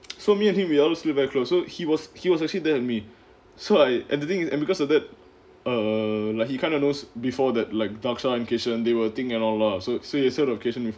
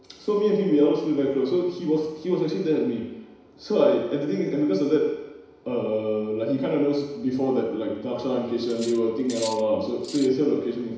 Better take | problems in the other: first | background sound (Cutlery, silverware); 17 dB below the speech // room echo; dies away in 1 s

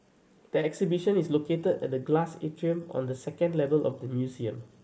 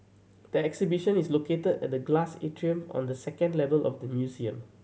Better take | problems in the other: second | noise reduction (neural mask model Resemble Enhance denoiser)

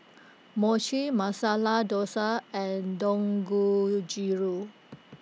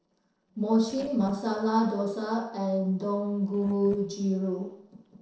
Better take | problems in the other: first | noise reduction (neural separator model SepFormer DNS4)

